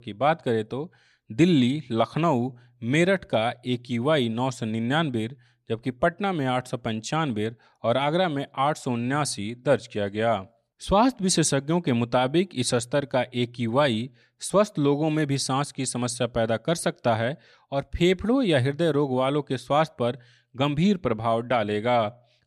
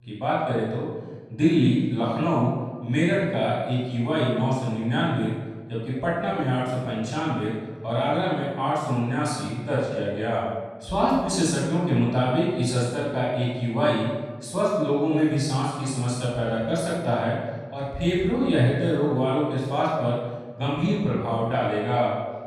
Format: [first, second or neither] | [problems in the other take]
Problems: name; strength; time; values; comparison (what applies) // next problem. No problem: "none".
first | off-mic speech; far // room echo; strong; dies away in 1.2 s